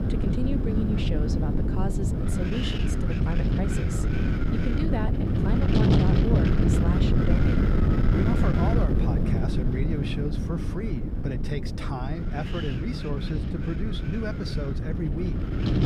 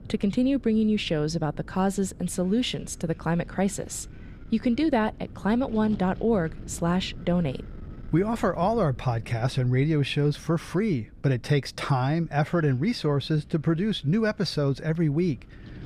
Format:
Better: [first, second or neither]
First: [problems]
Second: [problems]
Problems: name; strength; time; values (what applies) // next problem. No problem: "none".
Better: second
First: wind noise on the microphone; heavy; 3 dB above the speech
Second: wind noise on the microphone; occasional gusts; 25 dB below the speech